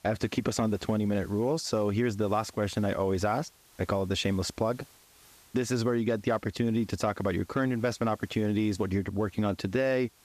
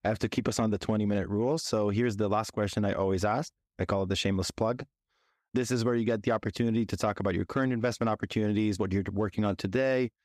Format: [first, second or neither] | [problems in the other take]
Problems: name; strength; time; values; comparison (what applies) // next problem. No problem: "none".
second | hiss; faint; throughout; 25 dB below the speech